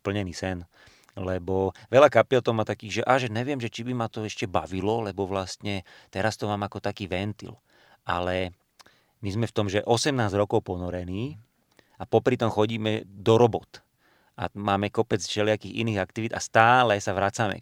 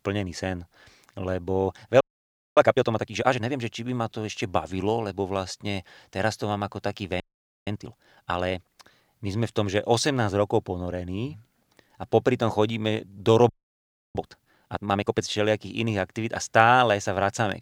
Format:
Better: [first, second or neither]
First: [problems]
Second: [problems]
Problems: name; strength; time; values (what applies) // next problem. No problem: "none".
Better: first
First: none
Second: audio freezing; at 2 s for 0.5 s, at 7 s and at 13 s for 0.5 s